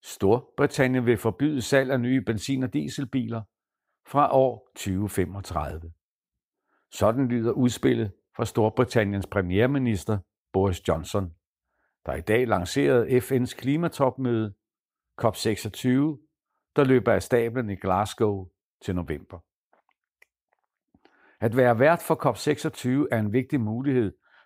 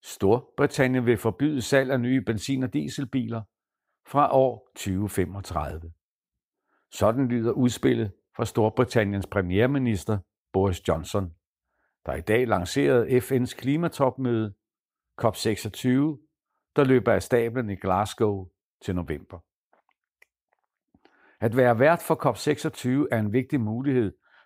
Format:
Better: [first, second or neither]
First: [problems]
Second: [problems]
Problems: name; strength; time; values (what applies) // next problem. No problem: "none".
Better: neither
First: none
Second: none